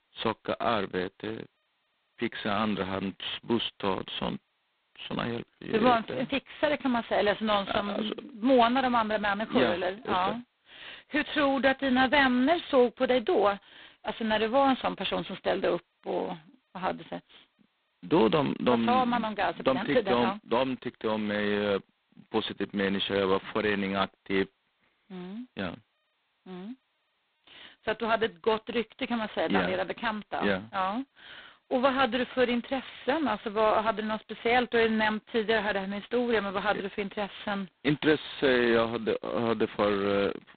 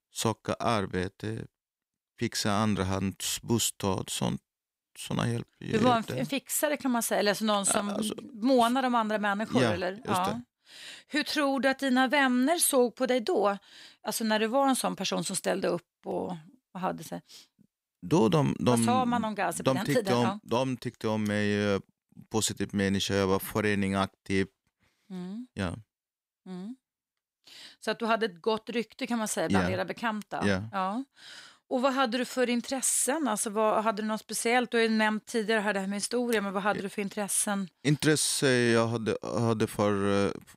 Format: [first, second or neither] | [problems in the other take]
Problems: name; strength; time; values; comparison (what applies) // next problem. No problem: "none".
second | phone-call audio; poor line; nothing above 4 kHz